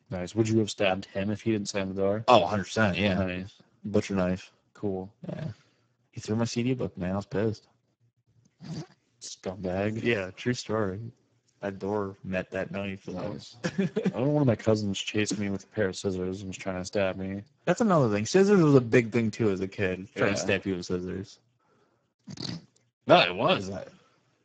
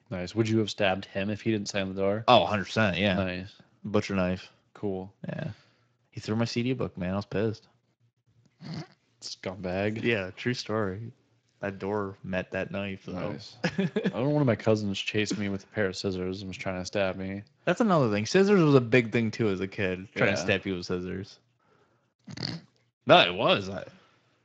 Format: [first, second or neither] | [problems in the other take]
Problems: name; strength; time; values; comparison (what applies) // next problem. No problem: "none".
second | garbled, watery; badly; nothing above 7.5 kHz; slightly in the second